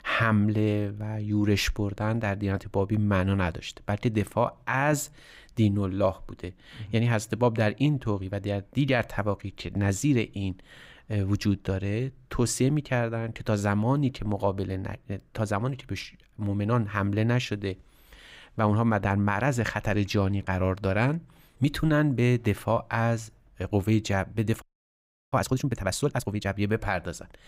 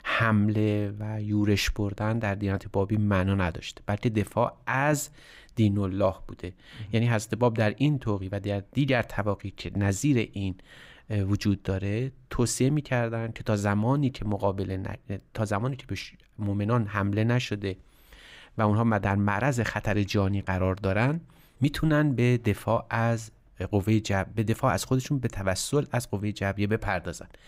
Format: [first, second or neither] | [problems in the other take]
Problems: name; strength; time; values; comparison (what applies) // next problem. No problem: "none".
second | audio freezing; at 25 s for 0.5 s